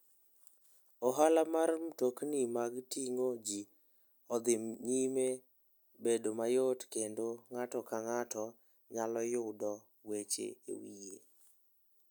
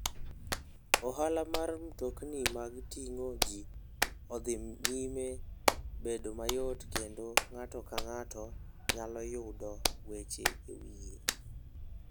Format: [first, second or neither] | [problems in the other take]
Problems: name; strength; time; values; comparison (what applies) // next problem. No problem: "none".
first | background sound (Hands); 2 dB above the speech